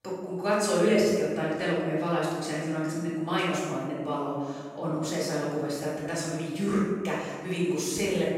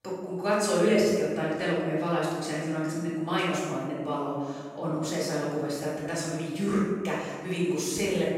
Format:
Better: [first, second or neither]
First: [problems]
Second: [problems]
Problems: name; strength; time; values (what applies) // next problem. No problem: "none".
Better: neither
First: off-mic speech; far // room echo; strong; dies away in 1.4 s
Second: off-mic speech; far // room echo; strong; dies away in 1.4 s